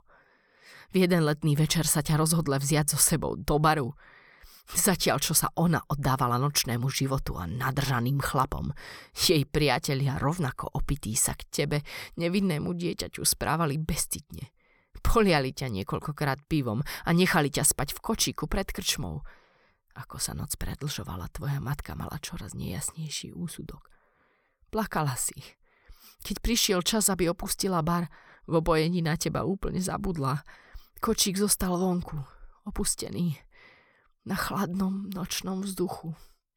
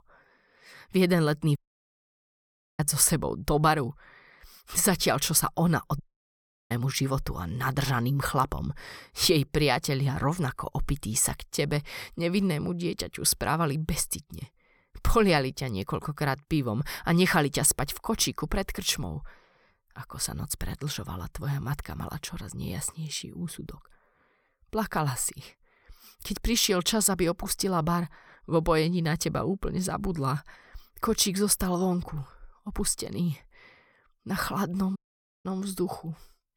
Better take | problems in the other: first | audio cutting out; at 1.5 s for 1 s, at 6 s for 0.5 s and at 35 s

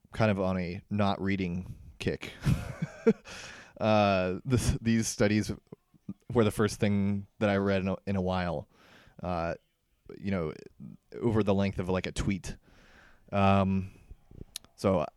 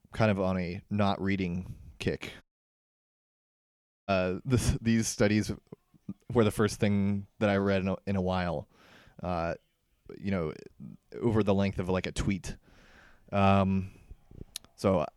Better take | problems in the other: first | audio cutting out; at 2.5 s for 1.5 s

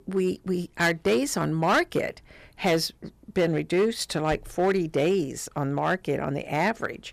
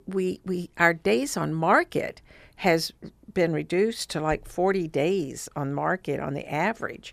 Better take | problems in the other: second | distortion; slight; 5% of the sound clipped

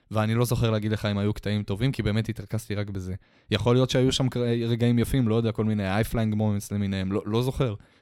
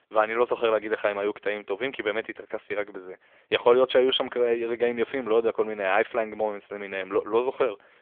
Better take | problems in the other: first | phone-call audio; nothing above 3.5 kHz

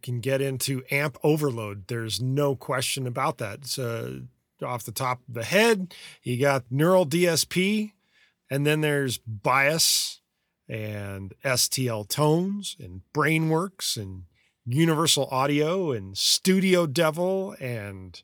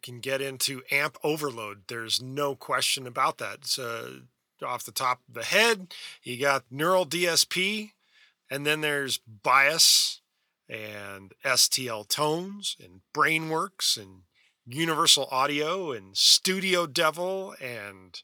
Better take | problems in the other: first | thin; somewhat; fading below 500 Hz

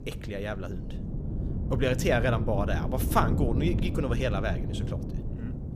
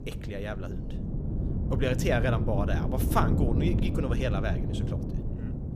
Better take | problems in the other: first | wind noise on the microphone; heavy; 7 dB below the speech; occasional gusts in the first

